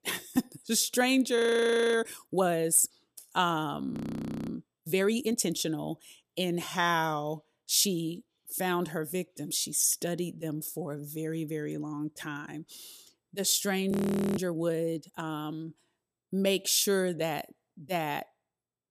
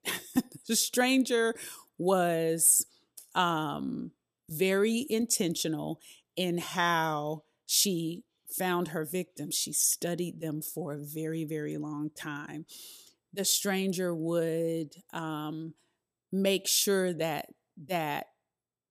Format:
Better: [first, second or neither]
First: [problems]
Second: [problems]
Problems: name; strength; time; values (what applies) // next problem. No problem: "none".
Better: second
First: audio freezing; at 1.5 s for 0.5 s, at 4 s for 0.5 s and at 14 s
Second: none